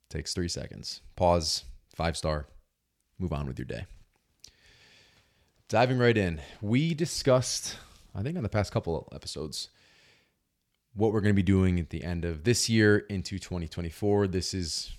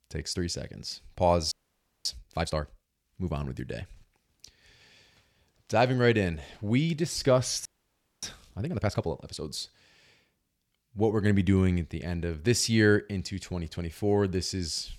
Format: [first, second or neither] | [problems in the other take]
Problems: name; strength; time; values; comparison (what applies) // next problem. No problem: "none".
first | audio freezing; at 1.5 s for 0.5 s and at 7.5 s for 0.5 s